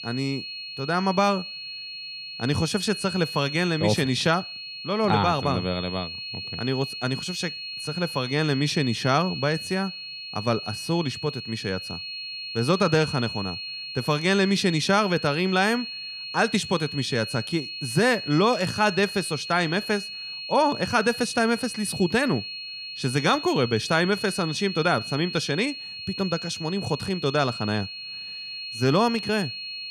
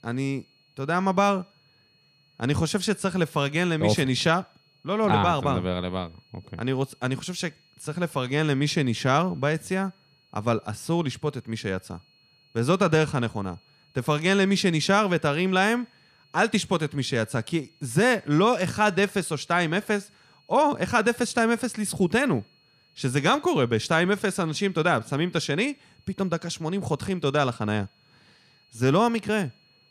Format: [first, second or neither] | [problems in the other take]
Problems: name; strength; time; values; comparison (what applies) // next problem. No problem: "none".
second | high-pitched whine; loud; throughout; 4.5 kHz, 8 dB below the speech; faint in the second